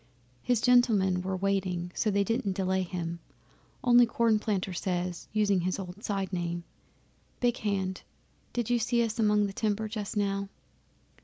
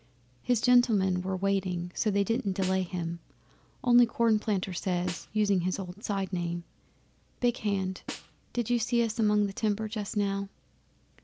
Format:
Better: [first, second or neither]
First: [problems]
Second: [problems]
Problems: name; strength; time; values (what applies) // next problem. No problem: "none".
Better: first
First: none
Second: background sound (Snare drum); 17 dB below the speech